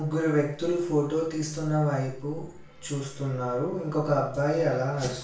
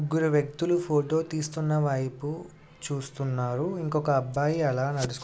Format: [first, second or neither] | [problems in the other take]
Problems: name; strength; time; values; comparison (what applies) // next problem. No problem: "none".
second | room echo; dies away in 0.5 s